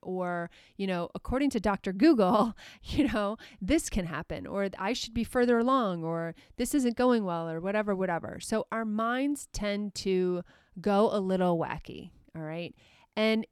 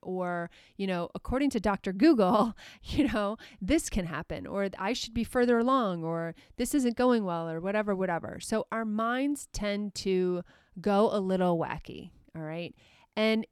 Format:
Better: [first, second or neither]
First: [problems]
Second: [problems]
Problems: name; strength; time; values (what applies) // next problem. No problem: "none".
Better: neither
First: none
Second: none